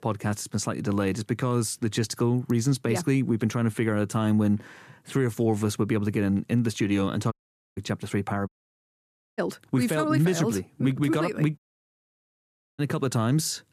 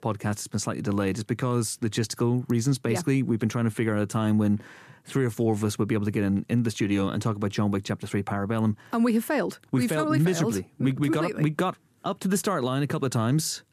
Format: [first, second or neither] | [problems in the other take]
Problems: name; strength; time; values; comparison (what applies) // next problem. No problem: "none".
second | audio cutting out; at 7.5 s, at 8.5 s for 1 s and at 12 s for 1 s